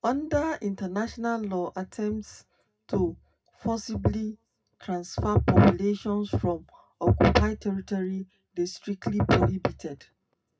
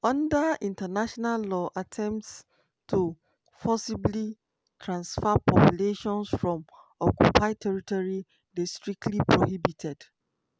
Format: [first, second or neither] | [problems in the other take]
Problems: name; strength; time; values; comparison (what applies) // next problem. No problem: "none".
second | room echo; dies away in 0.2 s